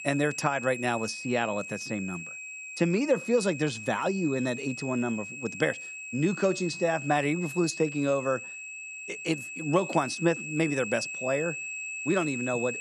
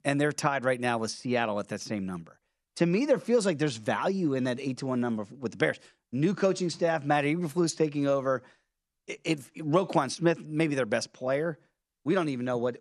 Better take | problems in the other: second | high-pitched whine; loud; throughout; 2.5 kHz, 8 dB below the speech

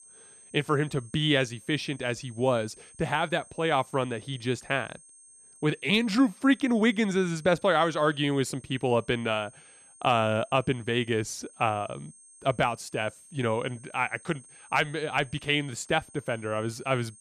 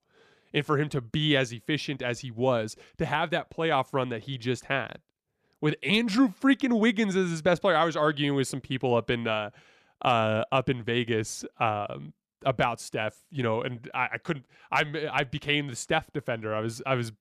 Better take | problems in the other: second | high-pitched whine; faint; throughout; 8.5 kHz, 25 dB below the speech

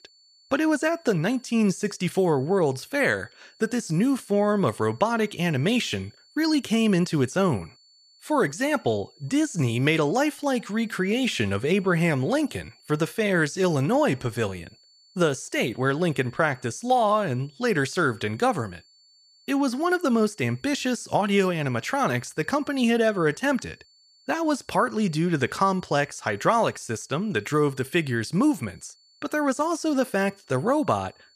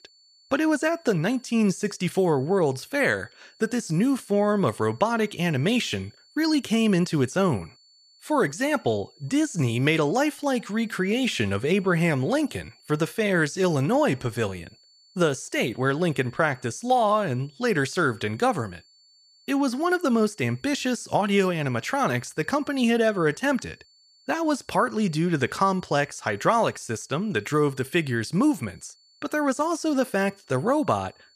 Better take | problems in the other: neither | high-pitched whine; faint; throughout; 4.5 kHz, 30 dB below the speech; the same in both

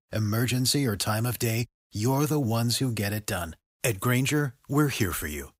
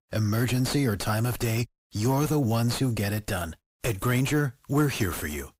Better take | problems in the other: first | distortion; slight; 9 dB below the speech

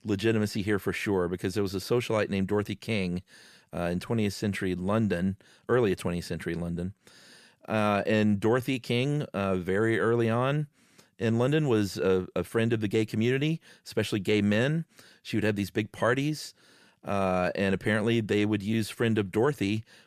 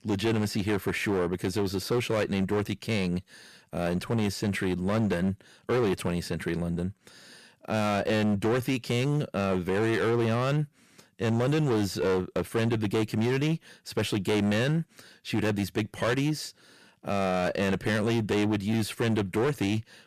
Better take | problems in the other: first | distortion; slight; 17% of the sound clipped

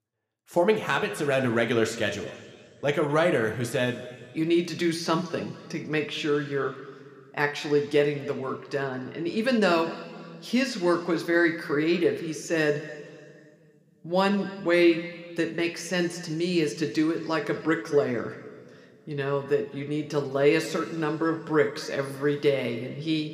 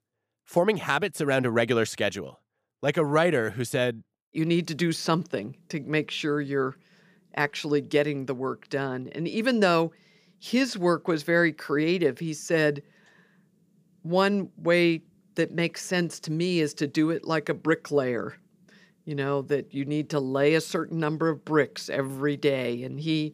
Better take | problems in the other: second | room echo; very slight; dies away in 1.8 s

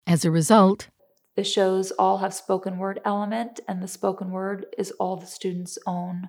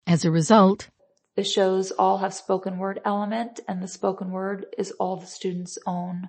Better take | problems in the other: first | garbled, watery; slightly; nothing above 8 kHz

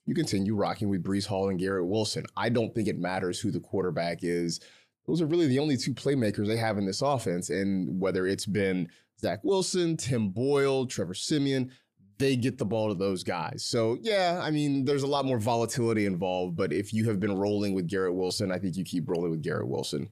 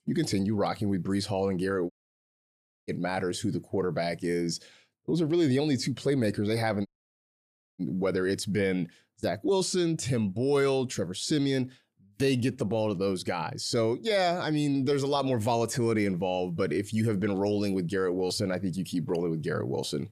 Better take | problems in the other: first | audio cutting out; at 2 s for 1 s and at 7 s for 1 s

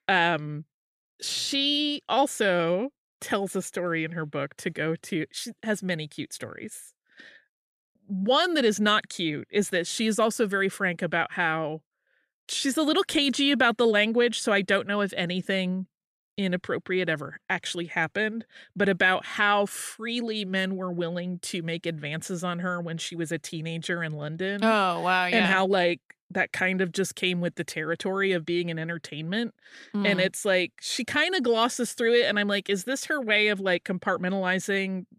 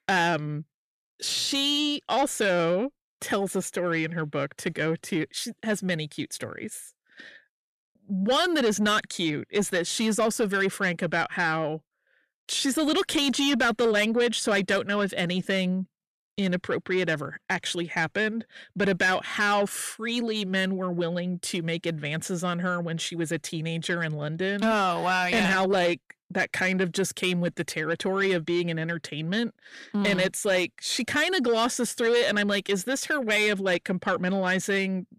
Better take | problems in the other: first | distortion; slight; 10 dB below the speech

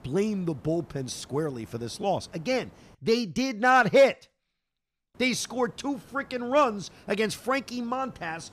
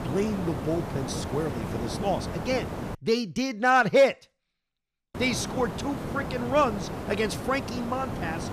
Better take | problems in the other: first | hiss; loud; until 3 s and from 5 s on; 7 dB below the speech; faint in the first

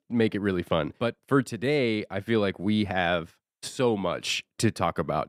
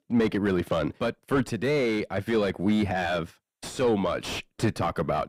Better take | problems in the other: first | distortion; heavy; 7 dB below the speech

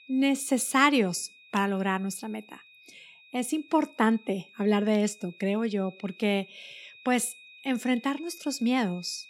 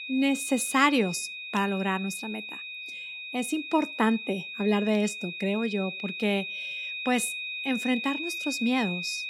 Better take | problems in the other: first | high-pitched whine; loud; throughout; 2.5 kHz, 6 dB below the speech; faint in the first

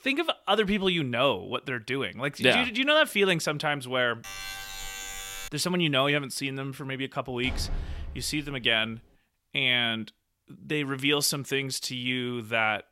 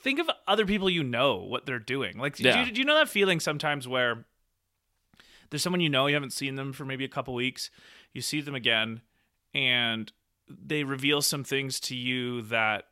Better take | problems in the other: second | alarm; noticeable; from 4 to 5.5 s; peak 9 dB below the speech // door banging; noticeable; from 7.5 to 8.5 s; peak 10 dB below the speech

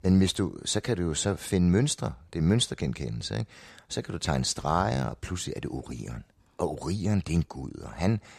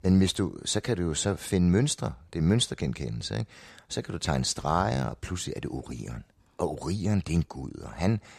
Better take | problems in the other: neither | none

